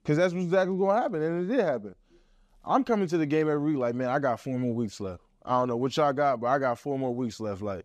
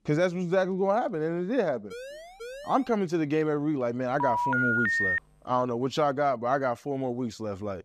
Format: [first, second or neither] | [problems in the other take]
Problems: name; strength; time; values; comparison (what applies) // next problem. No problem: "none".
first | siren; faint; at 2 s; peak 15 dB below the speech // phone ringing; loud; at 4 s; peak 4 dB above the speech